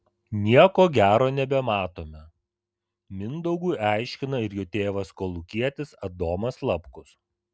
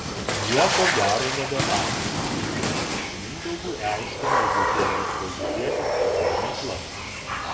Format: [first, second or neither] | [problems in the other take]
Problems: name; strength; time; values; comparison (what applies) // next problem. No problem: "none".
first | background sound (Water / Splash, splatter); 5 dB above the speech // room echo; dies away in 1.4 s